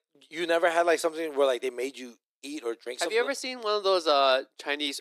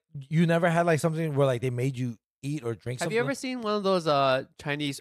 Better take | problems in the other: second | thin; very; fading below 300 Hz

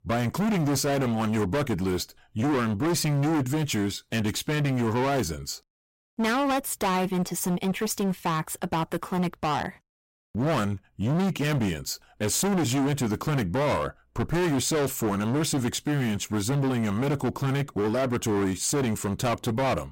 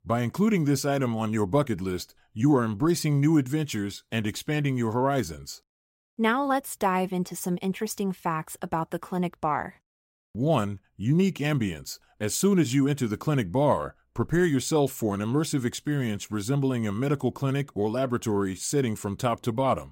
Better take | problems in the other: second | distortion; heavy; 26% of the sound clipped

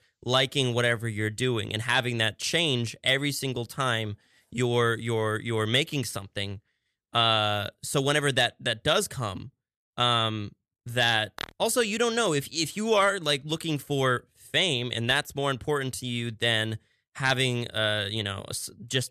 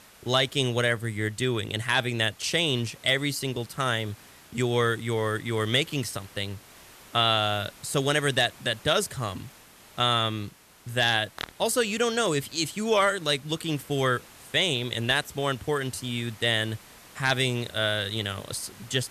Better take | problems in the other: first | hiss; faint; throughout; 25 dB below the speech

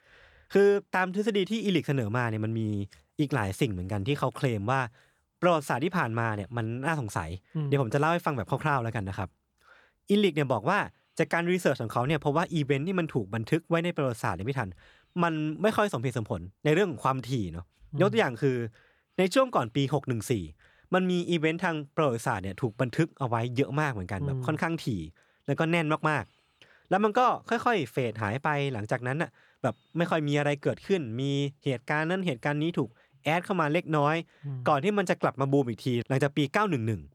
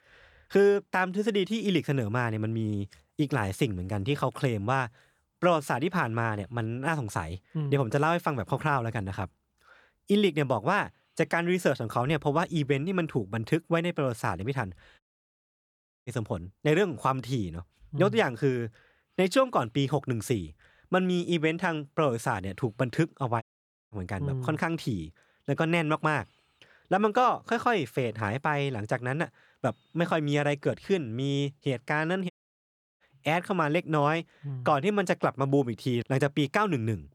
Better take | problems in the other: first | audio cutting out; at 15 s for 1 s, at 23 s and at 32 s for 0.5 s

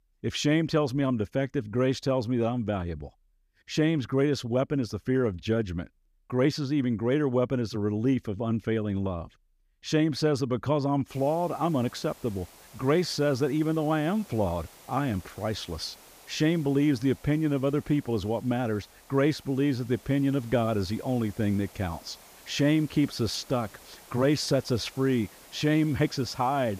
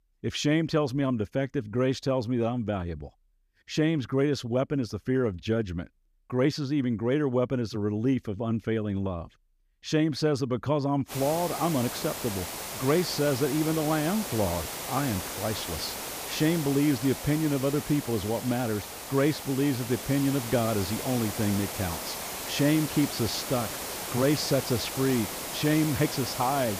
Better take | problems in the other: first | hiss; loud; from 11 s on; 6 dB below the speech; faint in the first

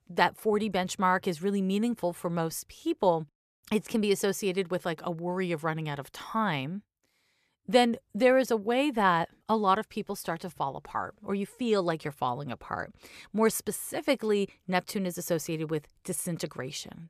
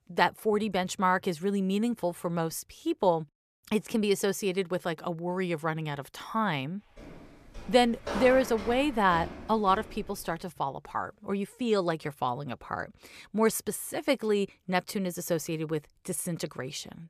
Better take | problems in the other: first | footsteps; noticeable; from 7 to 10 s; peak 5 dB below the speech

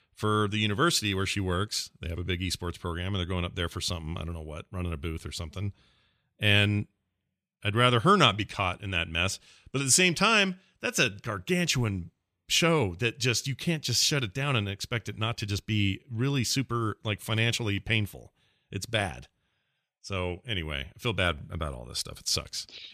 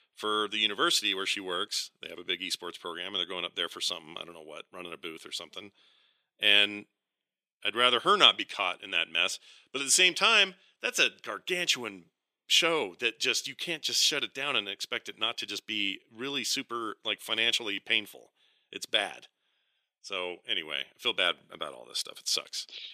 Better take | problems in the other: first | thin; very; fading below 300 Hz

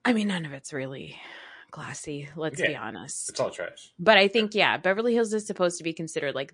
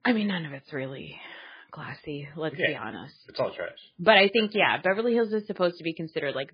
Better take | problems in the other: first | garbled, watery; badly; nothing above 5 kHz; slightly in the first

